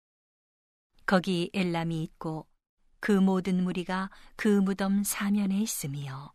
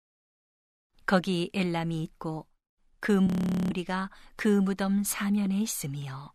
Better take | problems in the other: first | audio freezing; at 3.5 s

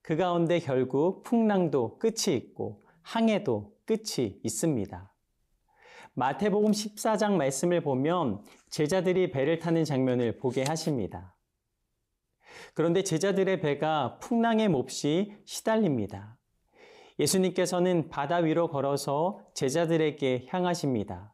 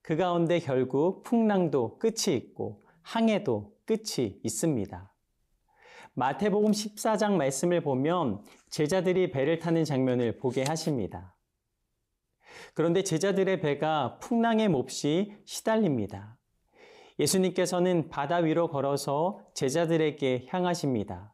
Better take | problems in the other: neither | none

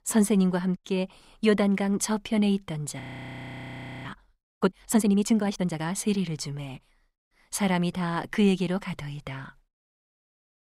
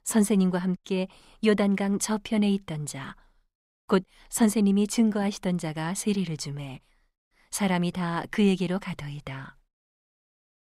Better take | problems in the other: second | audio freezing; at 3 s for 1 s

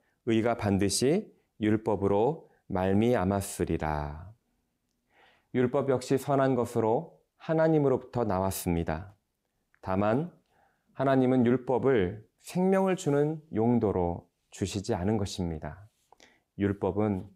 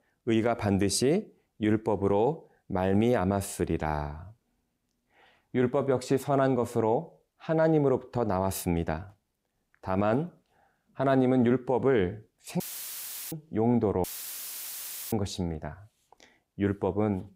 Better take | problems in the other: first | audio cutting out; filled with static; at 13 s for 0.5 s and at 14 s for 1 s

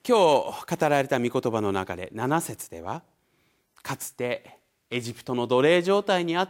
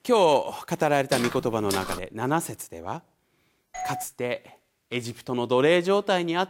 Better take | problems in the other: first | footsteps; noticeable; at 1 s; peak 5 dB below the speech // doorbell; noticeable; at 3.5 s; peak 8 dB below the speech

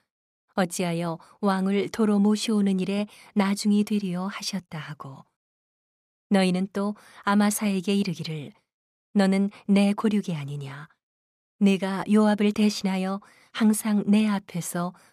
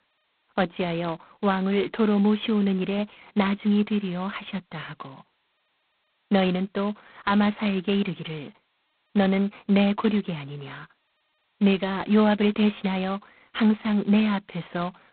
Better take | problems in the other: first | phone-call audio; poor line; nothing above 4 kHz

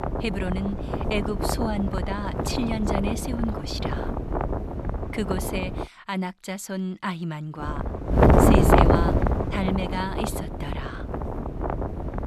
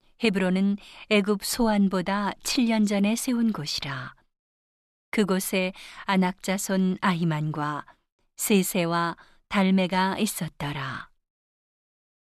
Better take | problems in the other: second | wind noise on the microphone; heavy; until 6 s and from 7.5 s on; 5 dB above the speech

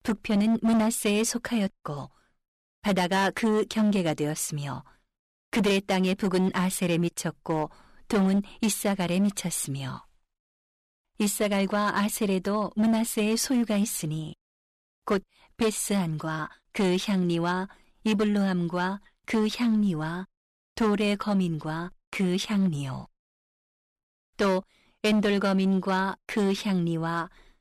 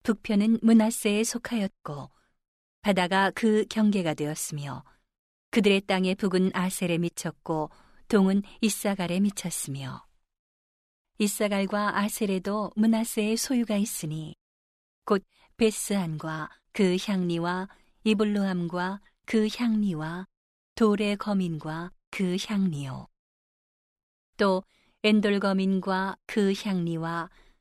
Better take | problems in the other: second | distortion; slight; 9% of the sound clipped

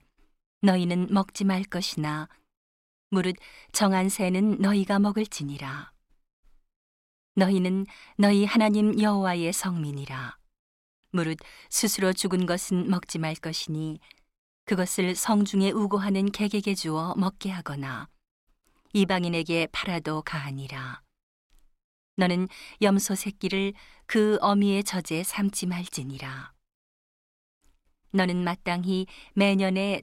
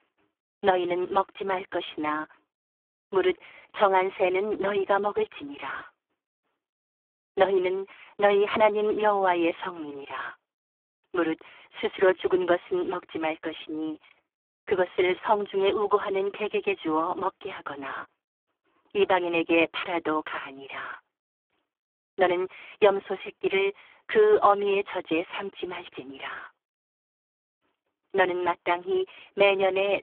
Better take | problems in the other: first | phone-call audio; poor line

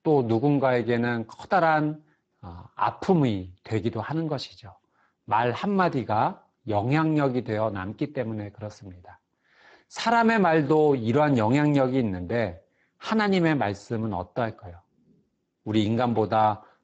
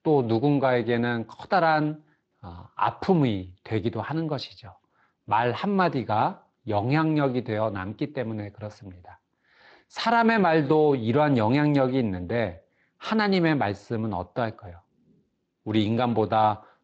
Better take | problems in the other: second | garbled, watery; badly; nothing above 8 kHz; slightly in the second

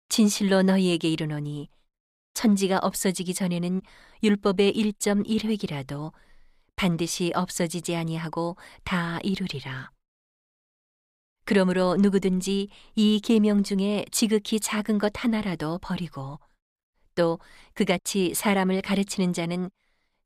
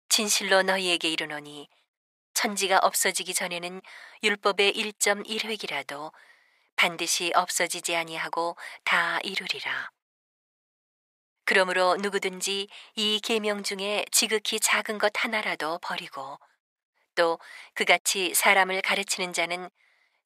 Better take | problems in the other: first | thin; very; fading below 650 Hz

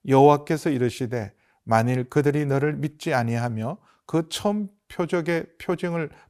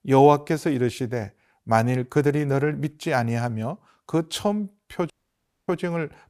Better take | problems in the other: first | audio cutting out; at 5 s for 0.5 s

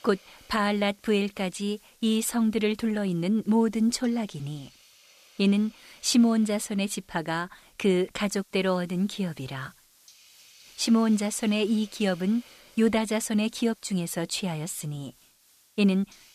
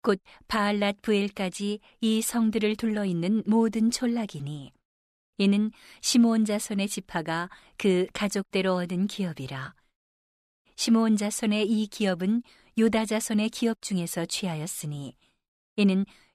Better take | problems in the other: second | hiss; faint; throughout; 30 dB below the speech

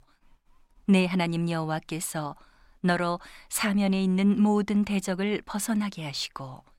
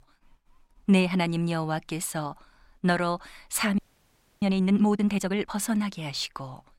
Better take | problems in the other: first | audio freezing; at 4 s for 0.5 s

